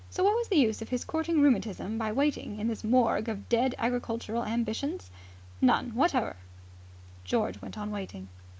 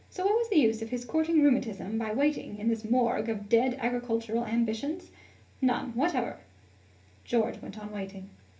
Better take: first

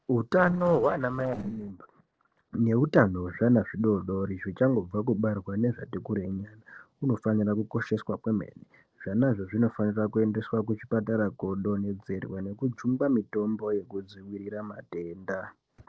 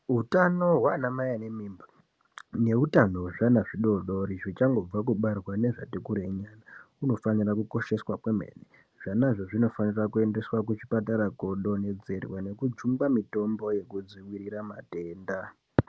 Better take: second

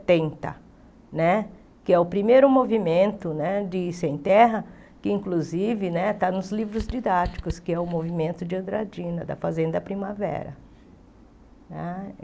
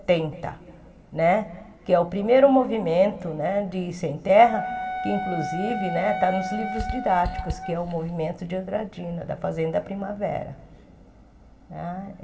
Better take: first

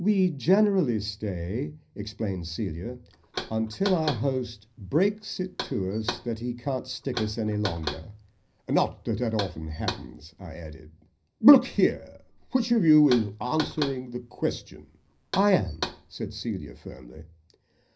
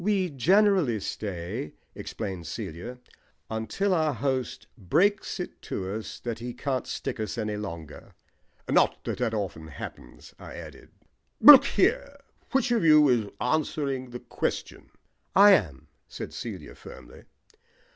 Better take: second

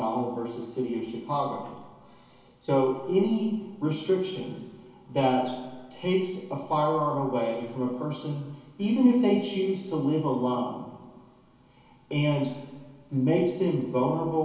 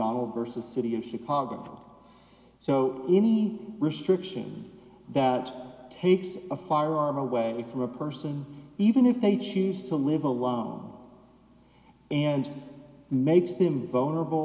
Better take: second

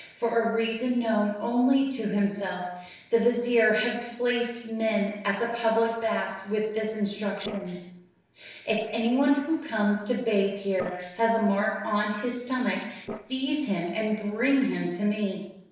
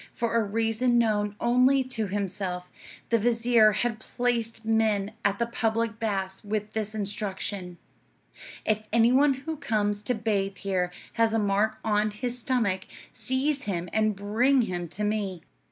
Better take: second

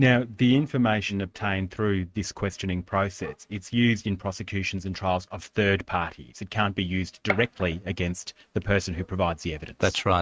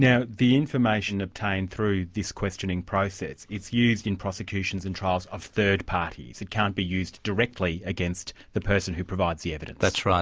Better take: second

